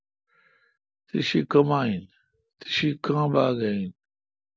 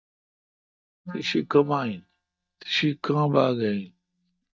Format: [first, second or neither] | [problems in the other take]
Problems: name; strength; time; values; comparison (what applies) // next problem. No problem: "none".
first | noise reduction (neural mask model DeepFilterNet 3)